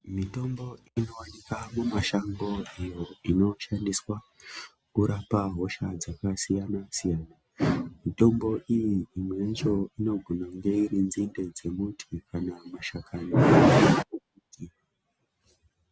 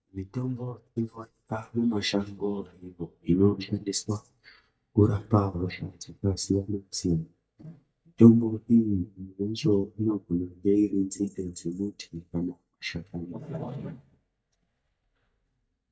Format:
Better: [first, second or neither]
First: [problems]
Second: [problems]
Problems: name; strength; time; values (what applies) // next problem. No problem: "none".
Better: first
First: none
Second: noise reduction (neural mask model DeepFilterNet 3)